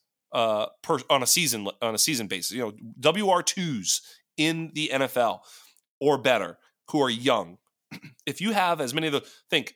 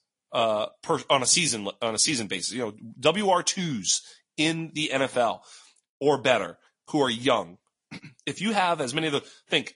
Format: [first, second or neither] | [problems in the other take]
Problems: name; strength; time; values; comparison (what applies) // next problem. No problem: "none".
first | garbled, watery; slightly; nothing above 10.5 kHz